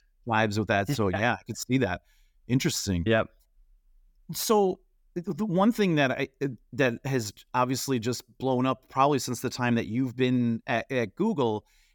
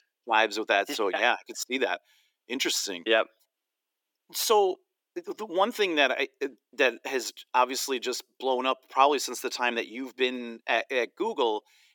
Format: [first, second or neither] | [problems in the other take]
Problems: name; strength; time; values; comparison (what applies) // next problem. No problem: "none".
first | thin; somewhat; fading below 350 Hz